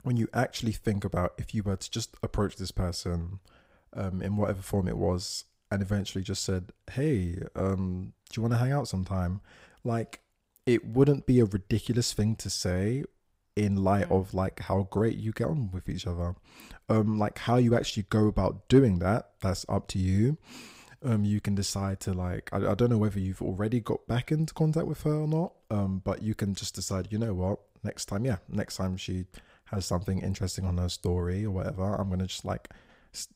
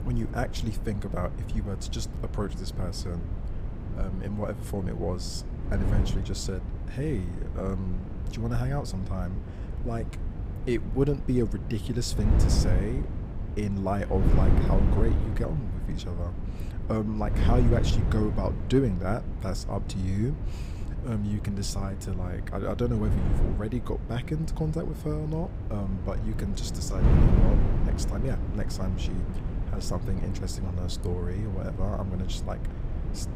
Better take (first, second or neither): first